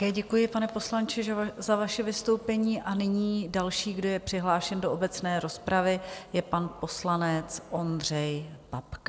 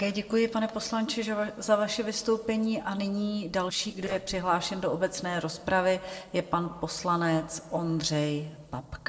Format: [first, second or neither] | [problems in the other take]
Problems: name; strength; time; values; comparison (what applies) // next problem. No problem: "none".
first | noise reduction (neural separator model SepFormer DNS4)